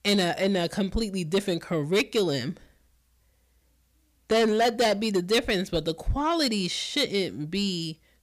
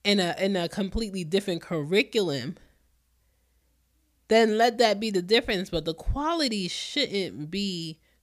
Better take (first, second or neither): second